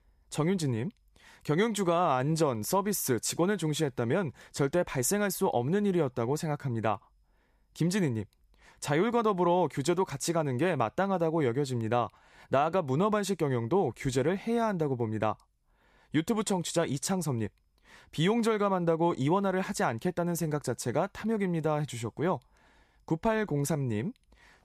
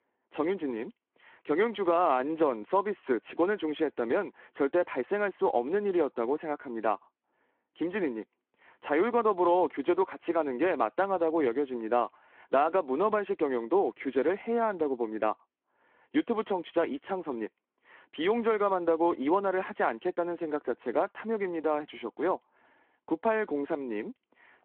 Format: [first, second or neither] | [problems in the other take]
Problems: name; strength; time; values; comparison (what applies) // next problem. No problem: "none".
first | phone-call audio